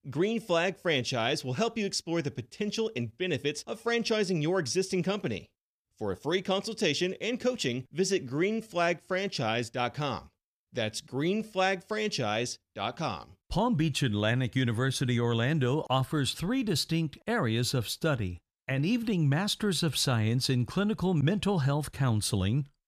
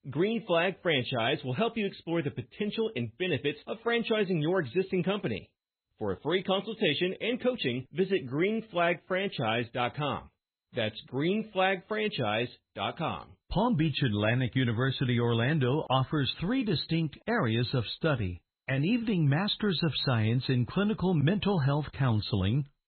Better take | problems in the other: first | garbled, watery; badly; nothing above 4 kHz

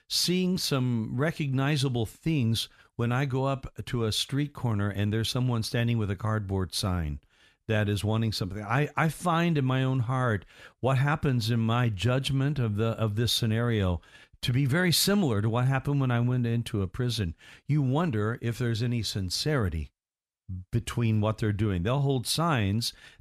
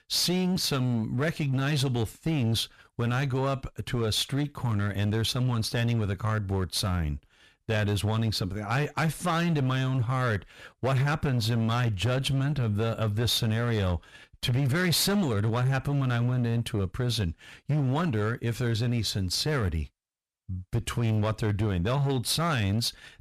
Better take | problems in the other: first | distortion; slight; 14% of the sound clipped

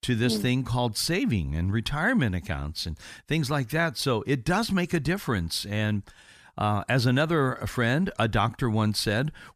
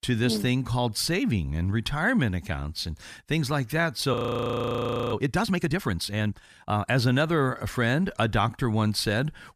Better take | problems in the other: first | audio freezing; at 4 s for 1 s

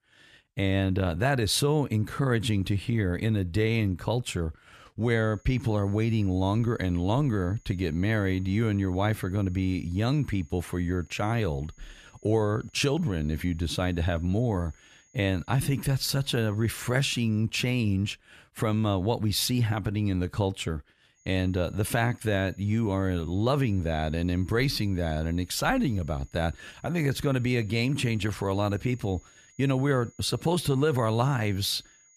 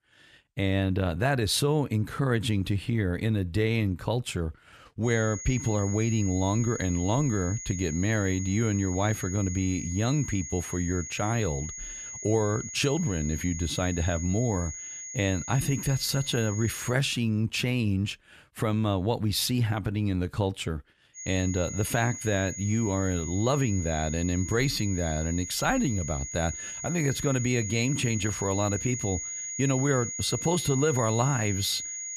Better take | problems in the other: first | high-pitched whine; loud; from 5 to 17 s and from 21 s on; 6.5 kHz, 7 dB below the speech; faint in the first

